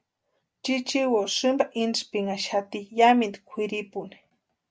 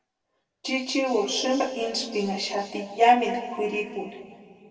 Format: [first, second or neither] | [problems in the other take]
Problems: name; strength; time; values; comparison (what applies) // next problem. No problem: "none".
first | room echo; dies away in 2.3 s